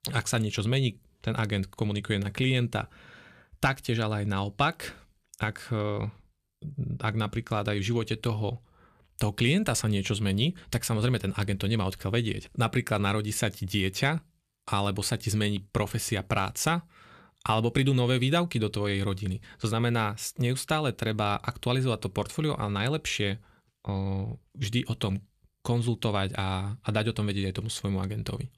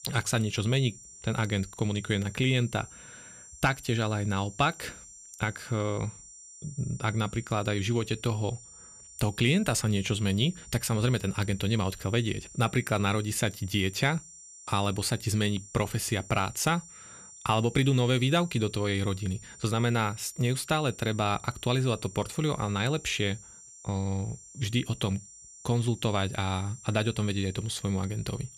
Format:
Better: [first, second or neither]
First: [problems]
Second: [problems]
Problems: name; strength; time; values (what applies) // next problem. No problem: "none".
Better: first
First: none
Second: high-pitched whine; noticeable; throughout; 7 kHz, 20 dB below the speech